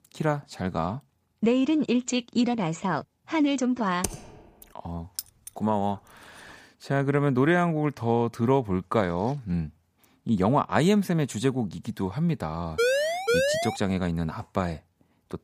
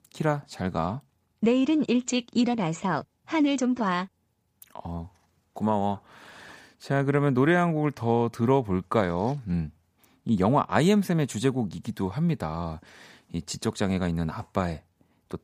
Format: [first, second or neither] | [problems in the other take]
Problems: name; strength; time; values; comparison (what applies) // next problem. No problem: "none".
second | keyboard typing; noticeable; at 4 s; peak 7 dB below the speech // jangling keys; faint; at 5 s; peak 10 dB below the speech // siren; loud; at 13 s; peak 3 dB above the speech